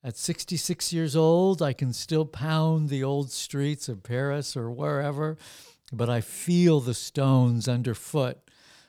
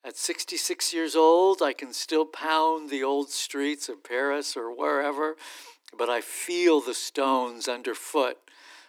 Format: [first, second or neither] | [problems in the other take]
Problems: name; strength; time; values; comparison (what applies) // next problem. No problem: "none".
first | thin; very; fading below 300 Hz